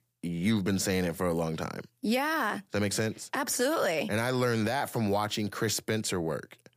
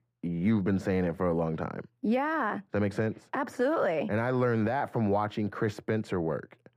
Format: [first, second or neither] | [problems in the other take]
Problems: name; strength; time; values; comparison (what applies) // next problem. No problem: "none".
first | muffled; very; fading above 3 kHz